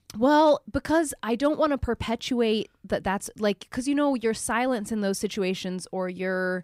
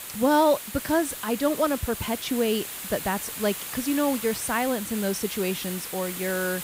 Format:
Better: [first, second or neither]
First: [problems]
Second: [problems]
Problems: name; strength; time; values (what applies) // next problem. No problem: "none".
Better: first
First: none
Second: hiss; loud; throughout; 7 dB below the speech